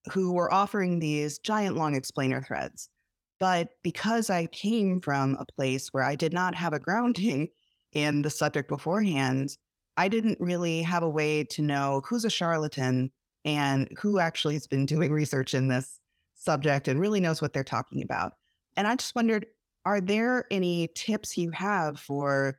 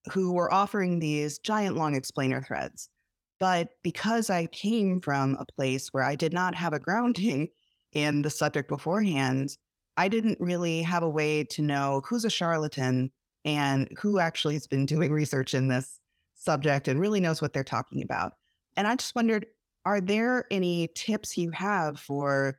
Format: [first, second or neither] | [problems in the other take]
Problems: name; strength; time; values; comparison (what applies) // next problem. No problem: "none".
neither | none